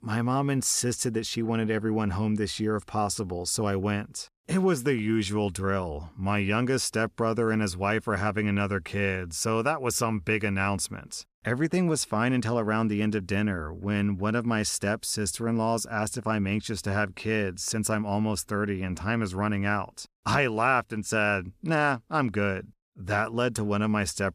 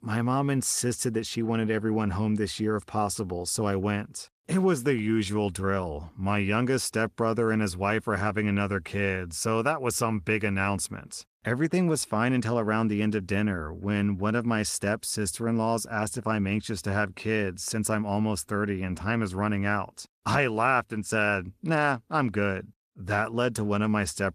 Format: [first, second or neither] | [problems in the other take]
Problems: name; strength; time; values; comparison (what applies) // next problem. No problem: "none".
first | garbled, watery; slightly; nothing above 14.5 kHz